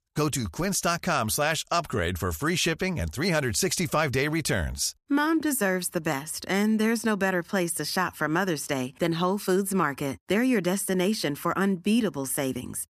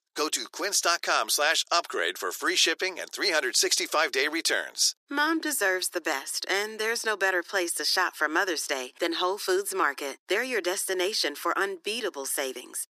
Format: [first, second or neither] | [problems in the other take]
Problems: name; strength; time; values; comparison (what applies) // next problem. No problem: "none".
first | thin; very; fading below 350 Hz